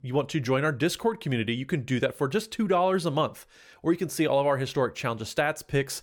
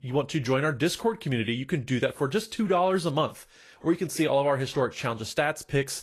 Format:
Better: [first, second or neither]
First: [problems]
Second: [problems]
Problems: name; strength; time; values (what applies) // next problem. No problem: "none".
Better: first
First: none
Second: garbled, watery; slightly; nothing above 12.5 kHz